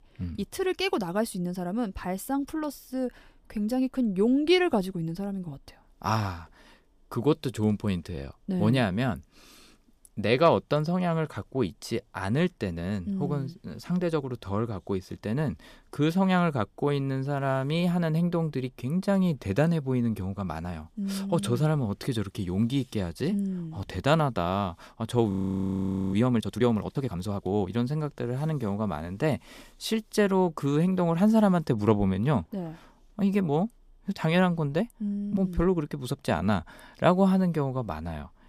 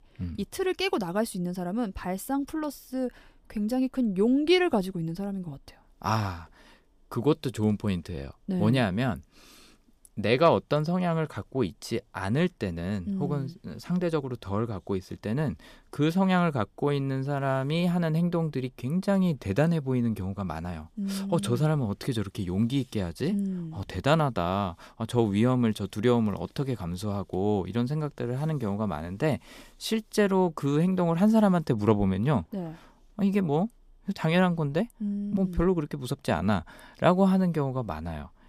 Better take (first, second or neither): second